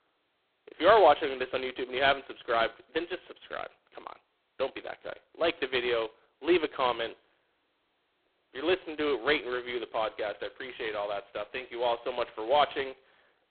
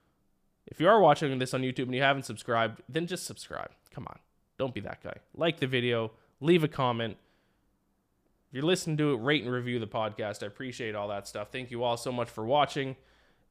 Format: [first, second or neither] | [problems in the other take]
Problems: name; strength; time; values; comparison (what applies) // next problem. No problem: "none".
second | phone-call audio; poor line; nothing above 4 kHz